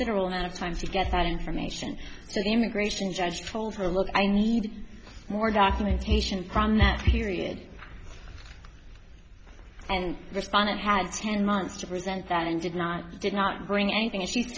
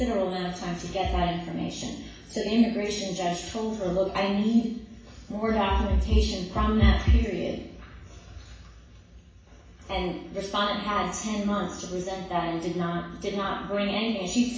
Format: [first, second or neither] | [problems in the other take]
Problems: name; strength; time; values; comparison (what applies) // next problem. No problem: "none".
first | room echo; dies away in 0.7 s